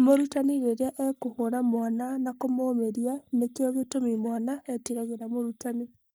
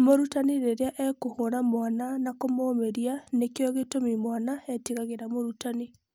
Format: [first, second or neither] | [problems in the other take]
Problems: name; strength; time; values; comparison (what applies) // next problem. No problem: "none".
second | noise reduction (neural mask model DeepFilterNet 3)